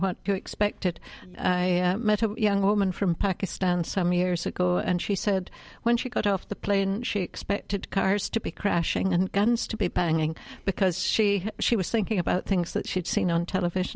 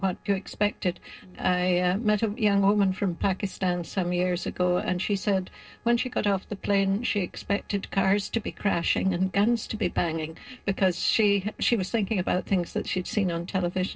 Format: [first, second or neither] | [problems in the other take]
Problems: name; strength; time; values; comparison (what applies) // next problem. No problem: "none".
first | noise reduction (neural separator model SepFormer DNS4)